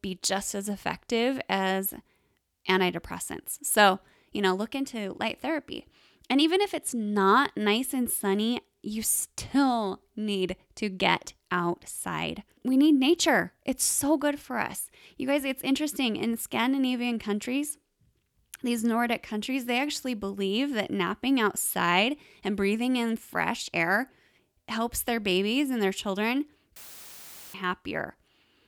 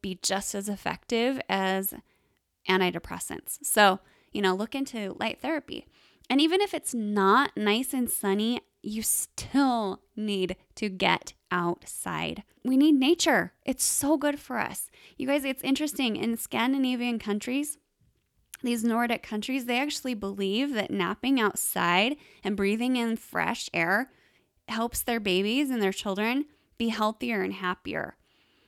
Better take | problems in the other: second | audio cutting out; filled with static; at 27 s for 1 s

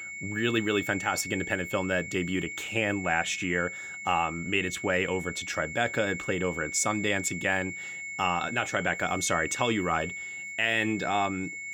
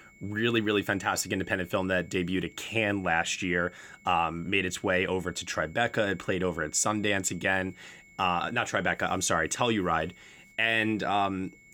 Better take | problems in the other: second | high-pitched whine; loud; throughout; 2 kHz, 7 dB below the speech; faint in the second

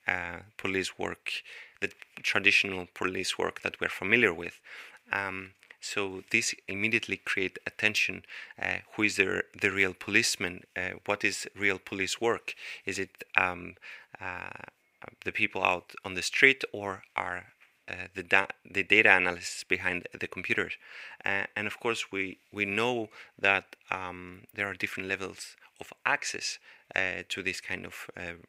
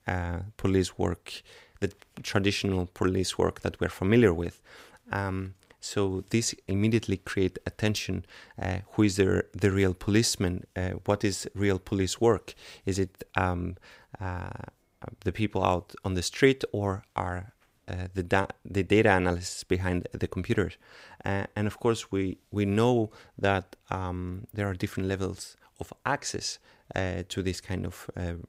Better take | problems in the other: second | thin; somewhat; fading below 500 Hz

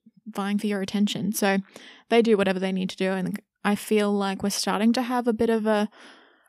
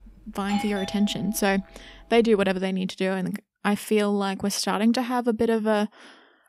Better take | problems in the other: first | doorbell; noticeable; until 2 s; peak 8 dB below the speech

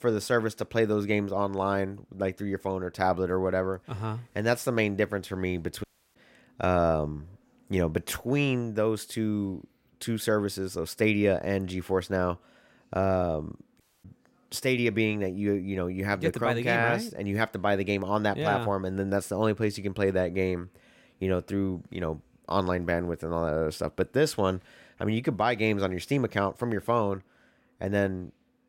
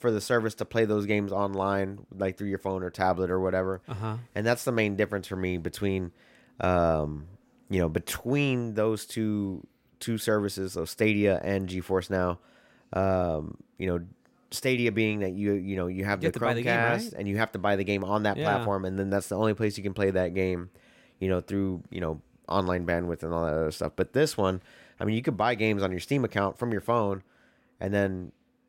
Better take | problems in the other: second | audio cutting out; at 6 s and at 14 s

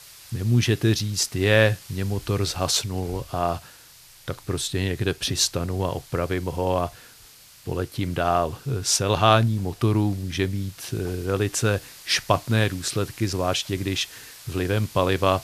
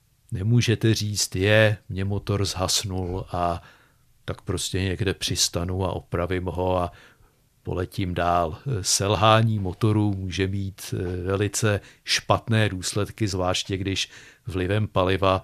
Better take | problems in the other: second | hiss; faint; throughout; 20 dB below the speech

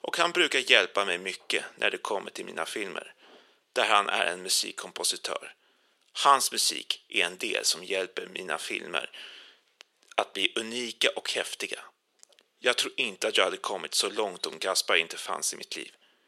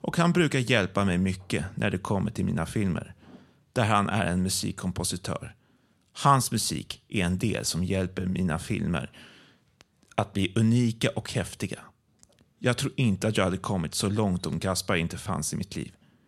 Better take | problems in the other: second | thin; very; fading below 400 Hz

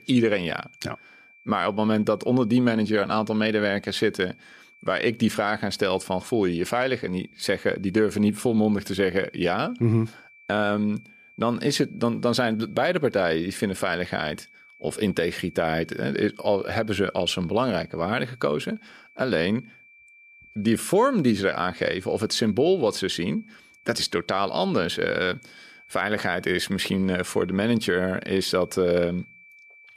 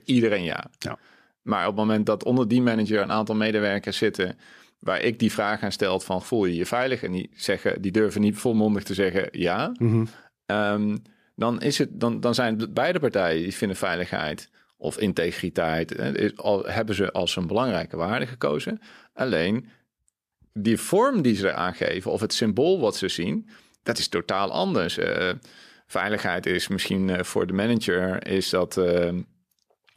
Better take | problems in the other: second | high-pitched whine; faint; throughout; 2.5 kHz, 25 dB below the speech

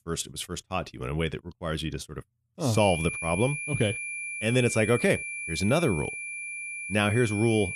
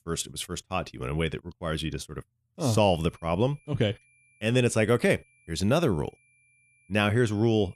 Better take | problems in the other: second | high-pitched whine; loud; from 3 s on; 2.5 kHz, 5 dB below the speech; faint in the second

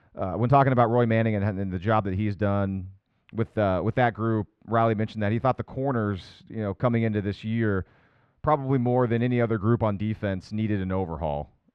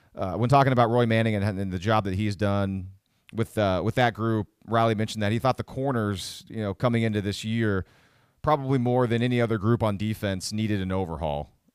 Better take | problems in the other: second | muffled; slightly; fading above 2 kHz

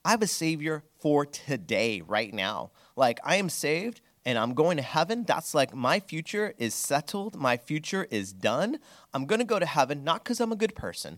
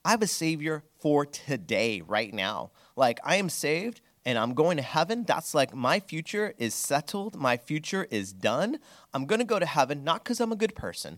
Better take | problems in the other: neither | none

